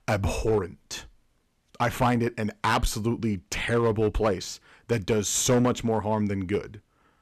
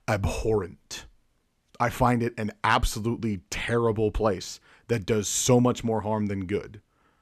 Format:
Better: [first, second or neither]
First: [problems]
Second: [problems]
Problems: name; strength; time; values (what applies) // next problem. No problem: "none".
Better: second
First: distortion; slight; 5% of the sound clipped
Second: none